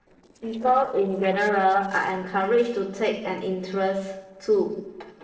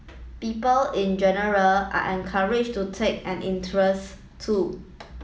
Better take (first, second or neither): second